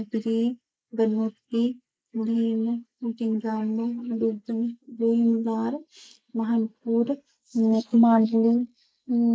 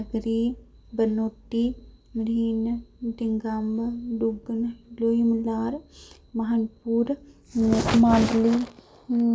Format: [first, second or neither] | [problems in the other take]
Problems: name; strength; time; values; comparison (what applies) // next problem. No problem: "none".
second | noise reduction (neural mask model Resemble Enhance denoiser)